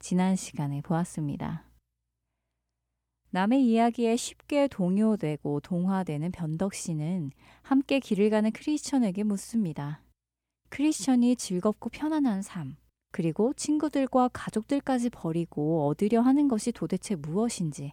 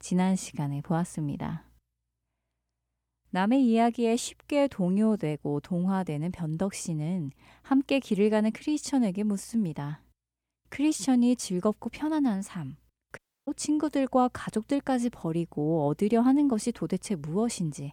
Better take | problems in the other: first | audio cutting out; at 13 s

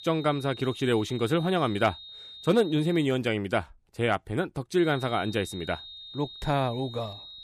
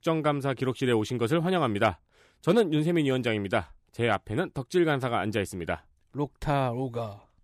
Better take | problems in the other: second | high-pitched whine; noticeable; until 3 s and from 5 s on; 3.5 kHz, 15 dB below the speech

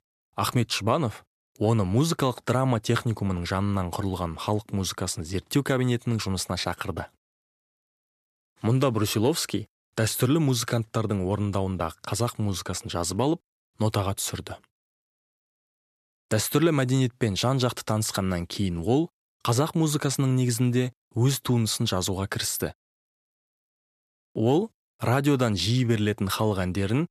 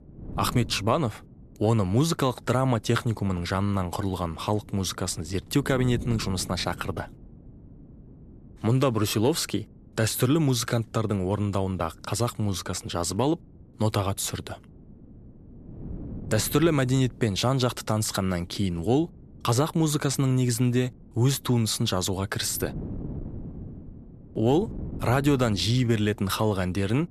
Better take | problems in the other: first | wind noise on the microphone; occasional gusts; 25 dB below the speech

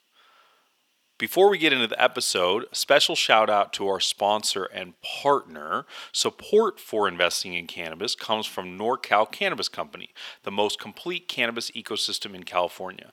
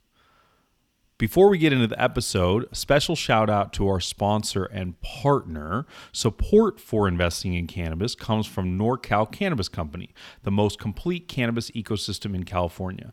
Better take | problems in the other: second | thin; very; fading below 500 Hz

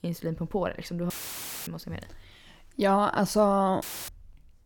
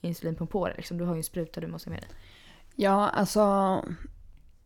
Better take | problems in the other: second | audio cutting out; filled with static; at 1 s for 0.5 s and at 4 s

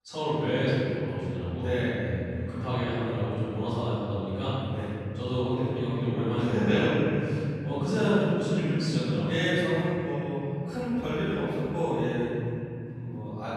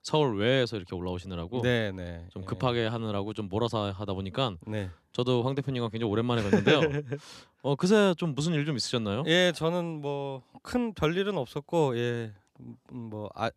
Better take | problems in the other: second | off-mic speech; far // room echo; strong; dies away in 3 s

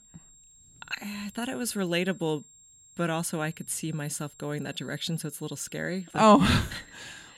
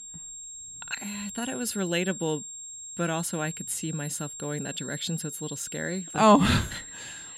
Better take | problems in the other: first | high-pitched whine; loud; throughout; 7.5 kHz, 10 dB below the speech; faint in the first

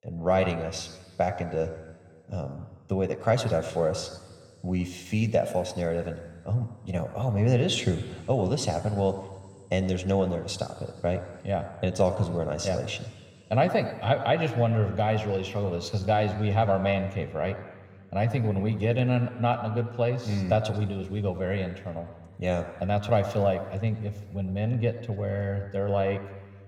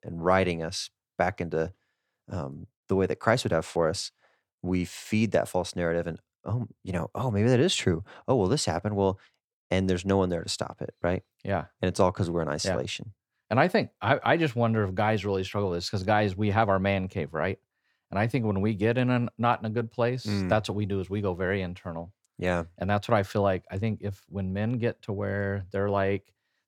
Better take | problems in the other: second | room echo; slight; dies away in 2.1 s

